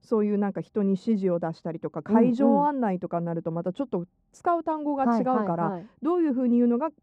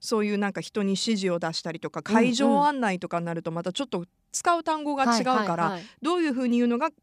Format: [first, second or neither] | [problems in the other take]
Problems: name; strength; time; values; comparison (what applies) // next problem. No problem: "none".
second | muffled; very; fading above 1.5 kHz